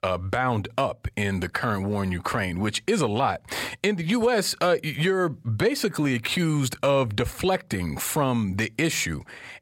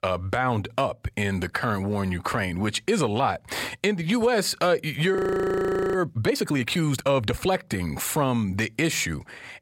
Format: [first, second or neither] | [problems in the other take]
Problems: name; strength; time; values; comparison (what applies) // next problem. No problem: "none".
first | audio freezing; at 5 s for 1 s